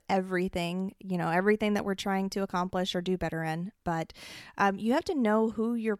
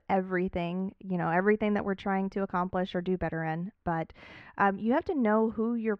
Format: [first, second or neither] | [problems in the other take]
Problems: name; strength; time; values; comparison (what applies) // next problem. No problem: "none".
first | muffled; very; fading above 2 kHz